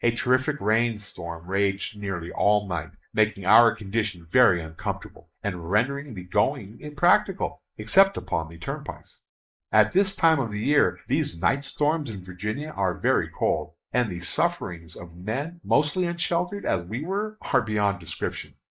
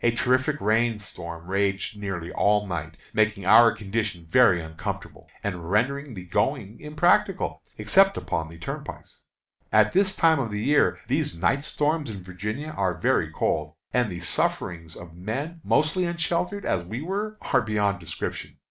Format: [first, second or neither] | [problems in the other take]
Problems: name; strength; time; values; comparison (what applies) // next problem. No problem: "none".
second | noise reduction (neural mask model Resemble Enhance denoiser)